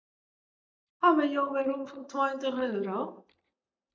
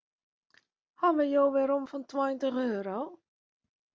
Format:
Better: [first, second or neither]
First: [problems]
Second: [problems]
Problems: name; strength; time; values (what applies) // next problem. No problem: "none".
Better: second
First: noise reduction (neural mask model DeepFilterNet 3)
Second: none